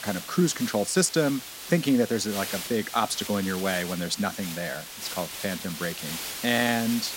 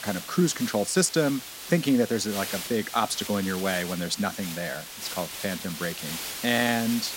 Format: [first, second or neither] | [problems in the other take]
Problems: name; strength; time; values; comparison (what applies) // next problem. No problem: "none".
neither | hiss; loud; throughout; 8 dB below the speech; the same in both